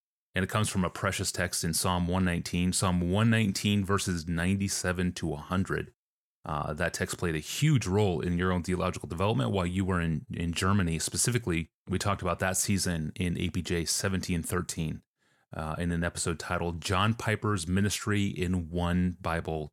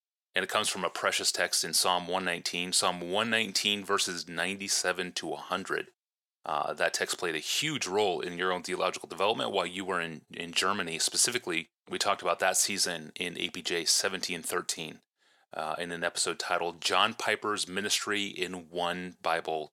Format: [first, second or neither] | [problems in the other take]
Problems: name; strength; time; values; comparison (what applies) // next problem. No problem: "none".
first | thin; very; fading below 450 Hz